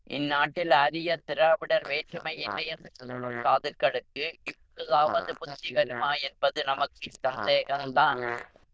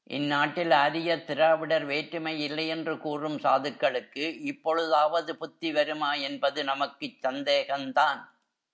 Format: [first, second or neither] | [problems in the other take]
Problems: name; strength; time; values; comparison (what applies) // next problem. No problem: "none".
second | noise reduction (neural diffusion model UNIVERSE++)